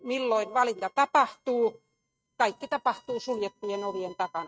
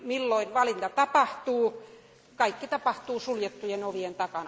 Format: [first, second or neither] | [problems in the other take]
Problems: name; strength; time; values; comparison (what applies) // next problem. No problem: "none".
second | noise reduction (neural mask model RNNoise)